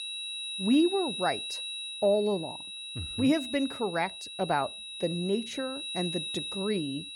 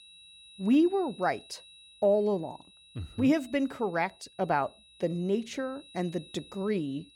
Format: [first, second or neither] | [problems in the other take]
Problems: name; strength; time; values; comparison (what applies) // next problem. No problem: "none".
second | high-pitched whine; loud; throughout; 4 kHz, 6 dB below the speech; faint in the second